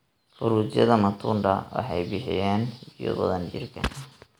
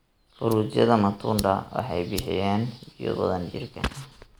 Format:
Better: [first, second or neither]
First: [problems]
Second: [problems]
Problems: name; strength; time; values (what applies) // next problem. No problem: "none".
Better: first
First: none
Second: background sound (Fire); 18 dB below the speech